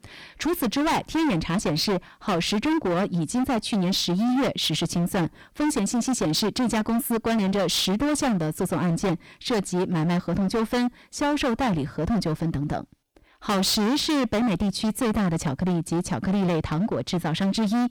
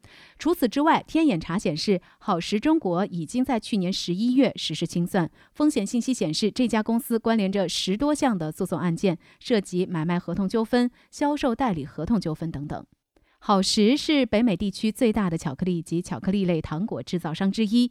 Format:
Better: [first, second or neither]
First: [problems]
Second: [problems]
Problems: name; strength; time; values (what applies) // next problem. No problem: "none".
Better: second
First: distortion; heavy; 30% of the sound clipped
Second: none